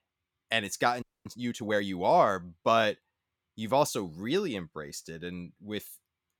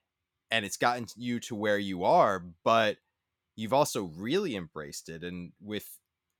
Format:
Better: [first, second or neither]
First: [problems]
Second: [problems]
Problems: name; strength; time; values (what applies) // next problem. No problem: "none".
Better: second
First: audio freezing; at 1 s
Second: none